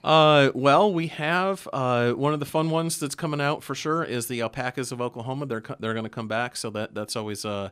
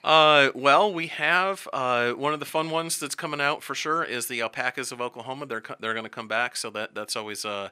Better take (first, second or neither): first